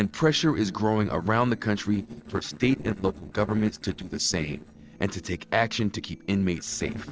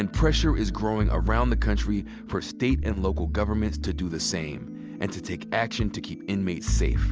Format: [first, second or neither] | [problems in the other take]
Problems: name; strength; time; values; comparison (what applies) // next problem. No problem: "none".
second | noise reduction (neural separator model SepFormer DNS4)